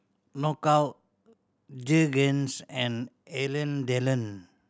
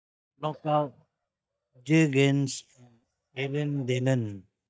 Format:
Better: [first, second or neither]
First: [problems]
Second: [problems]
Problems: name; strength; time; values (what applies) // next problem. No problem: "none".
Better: first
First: none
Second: noise reduction (neural mask model DeepFilterNet 3)